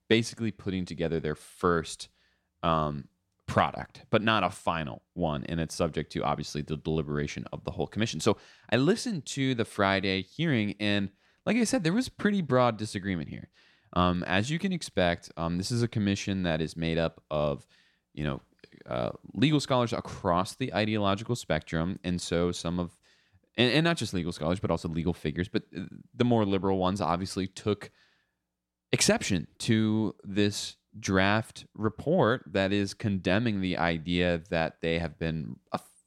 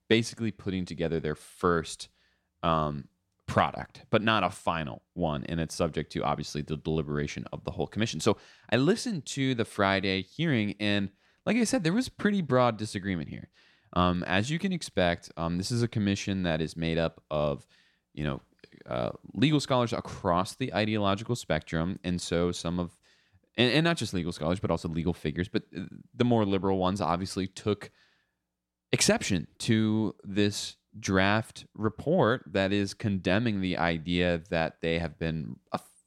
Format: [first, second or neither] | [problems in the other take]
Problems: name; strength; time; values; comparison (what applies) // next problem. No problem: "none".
neither | none